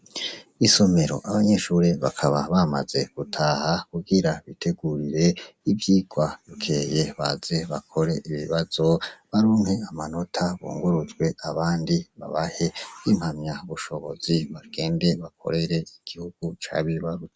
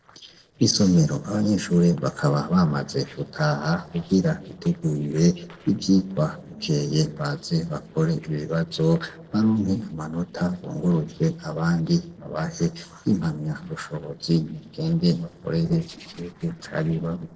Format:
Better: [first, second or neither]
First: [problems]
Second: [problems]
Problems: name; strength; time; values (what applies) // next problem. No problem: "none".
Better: first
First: none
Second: noise reduction (neural separator model SepFormer DNS4)